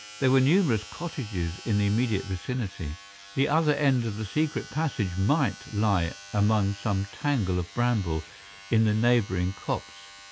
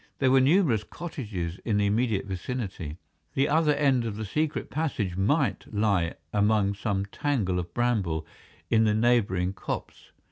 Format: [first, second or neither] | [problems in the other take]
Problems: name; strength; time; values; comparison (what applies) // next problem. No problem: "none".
second | background sound (Domestic sounds, home sounds); 19 dB below the speech